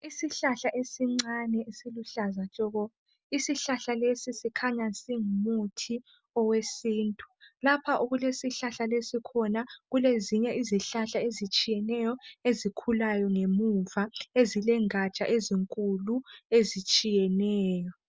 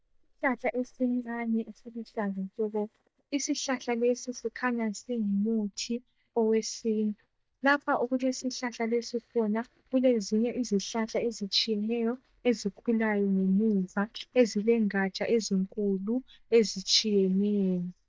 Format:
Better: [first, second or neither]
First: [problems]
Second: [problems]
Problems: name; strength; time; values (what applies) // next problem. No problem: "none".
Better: first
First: none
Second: noise reduction (neural mask model DeepFilterNet 3)